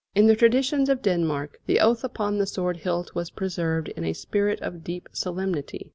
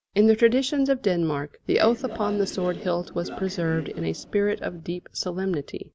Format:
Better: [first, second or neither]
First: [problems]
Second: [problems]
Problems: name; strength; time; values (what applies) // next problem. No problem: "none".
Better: first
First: none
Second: background sound (Train); 14 dB below the speech